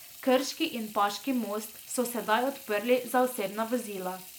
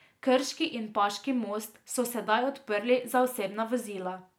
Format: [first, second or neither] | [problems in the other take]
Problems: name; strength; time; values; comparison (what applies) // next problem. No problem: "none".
second | background sound (Sink (filling or washing) / Water tap, faucet); 18 dB below the speech